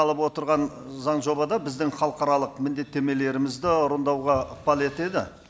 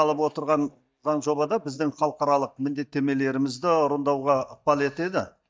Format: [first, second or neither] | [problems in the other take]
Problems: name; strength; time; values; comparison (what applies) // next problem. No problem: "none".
first | noise reduction (neural mask model DeepFilterNet 3)